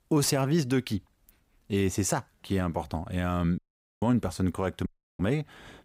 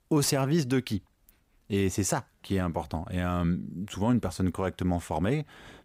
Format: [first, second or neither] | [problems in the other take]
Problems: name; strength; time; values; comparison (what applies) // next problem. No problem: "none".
second | audio cutting out; at 3.5 s and at 5 s